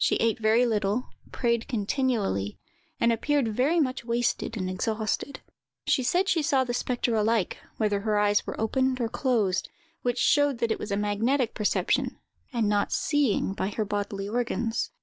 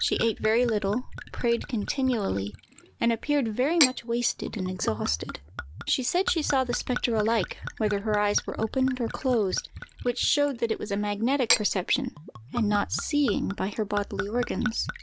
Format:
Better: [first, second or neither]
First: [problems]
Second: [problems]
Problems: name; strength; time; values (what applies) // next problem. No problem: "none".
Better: first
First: none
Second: background sound (Gurgling / Chink, clink / Liquid); 10 dB below the speech